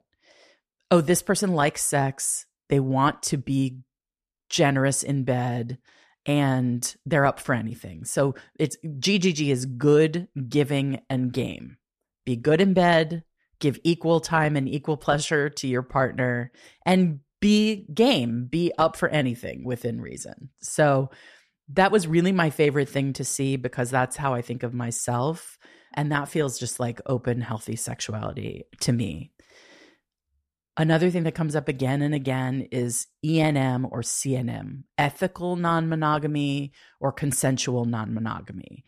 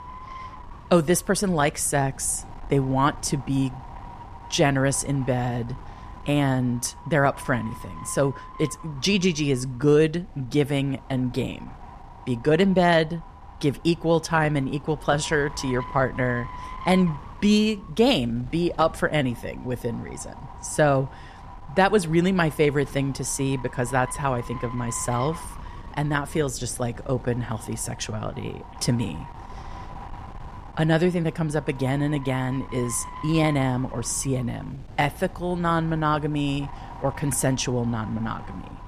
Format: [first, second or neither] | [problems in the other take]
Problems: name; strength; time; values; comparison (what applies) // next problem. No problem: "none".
first | wind noise on the microphone; occasional gusts; 15 dB below the speech